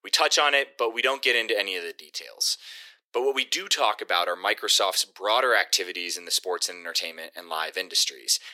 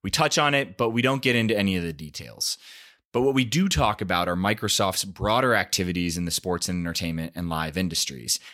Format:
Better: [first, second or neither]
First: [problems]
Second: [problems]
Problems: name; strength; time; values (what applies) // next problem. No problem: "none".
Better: second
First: thin; very; fading below 350 Hz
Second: none